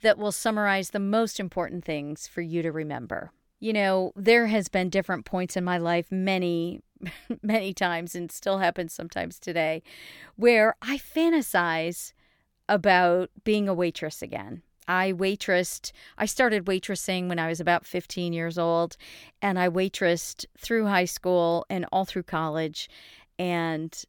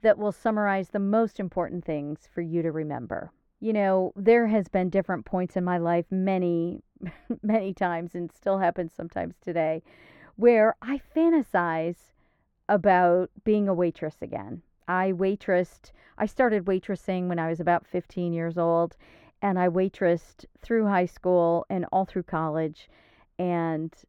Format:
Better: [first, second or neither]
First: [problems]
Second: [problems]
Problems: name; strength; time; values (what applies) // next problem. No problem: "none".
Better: first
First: none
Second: muffled; very; fading above 2.5 kHz